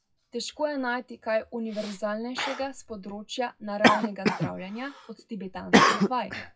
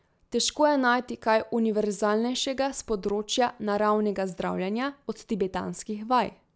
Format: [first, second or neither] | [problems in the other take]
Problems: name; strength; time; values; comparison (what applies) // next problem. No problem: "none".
second | noise reduction (classical method WPE with log-MMSE)